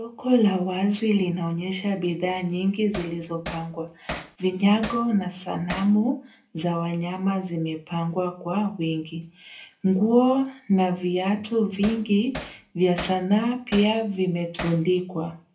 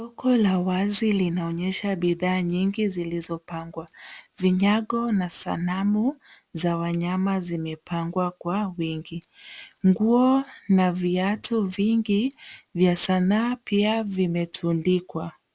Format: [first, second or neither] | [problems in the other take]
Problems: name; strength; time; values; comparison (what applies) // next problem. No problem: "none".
second | background sound (Hammer); 14 dB below the speech // room echo; dies away in 0.3 s